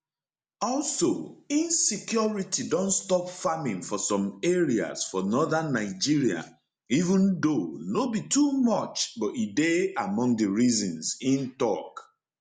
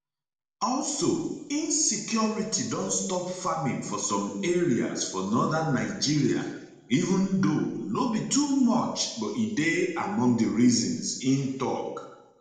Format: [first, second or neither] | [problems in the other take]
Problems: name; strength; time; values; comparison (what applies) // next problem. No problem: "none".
first | room echo; dies away in 1 s